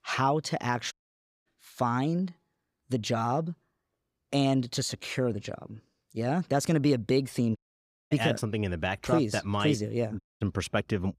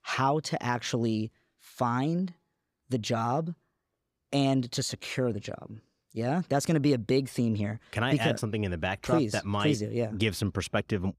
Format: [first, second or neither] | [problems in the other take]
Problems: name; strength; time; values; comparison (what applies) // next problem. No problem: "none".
second | audio cutting out; at 1 s for 0.5 s, at 7.5 s for 0.5 s and at 10 s